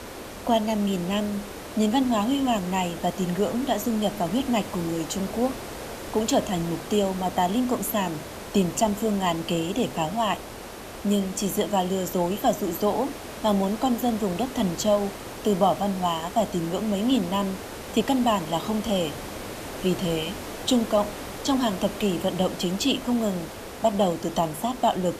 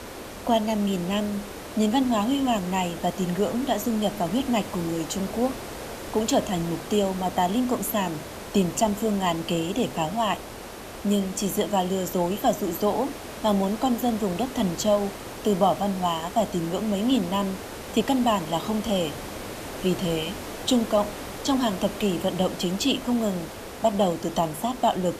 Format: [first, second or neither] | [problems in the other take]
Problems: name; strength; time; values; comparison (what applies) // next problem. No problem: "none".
neither | hiss; noticeable; throughout; 10 dB below the speech; the same in both